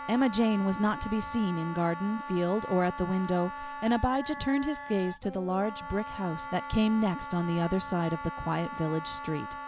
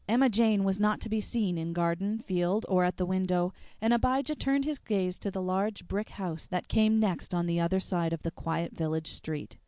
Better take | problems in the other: second | background sound (Wind instrument, woodwind instrument); 10 dB below the speech

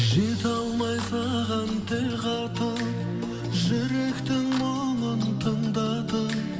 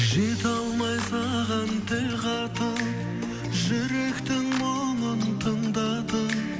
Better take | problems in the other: second | room echo; dies away in 0.5 s

